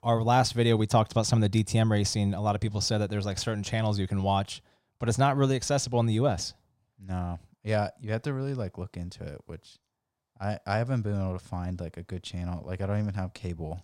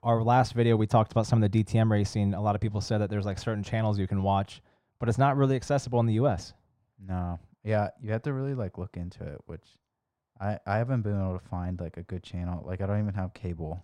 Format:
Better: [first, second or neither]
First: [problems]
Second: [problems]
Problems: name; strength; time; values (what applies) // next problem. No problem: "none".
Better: first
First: none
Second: muffled; slightly; fading above 3 kHz